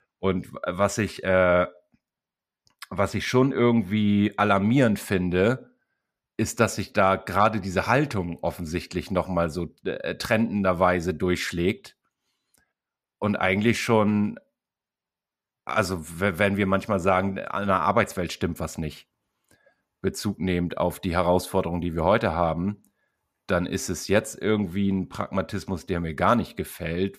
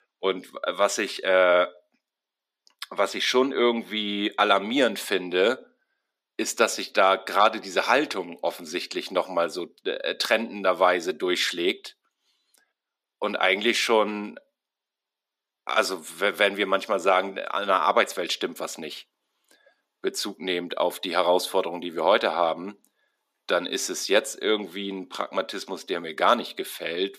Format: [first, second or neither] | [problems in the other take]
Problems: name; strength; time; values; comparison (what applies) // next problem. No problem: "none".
first | thin; somewhat; fading below 300 Hz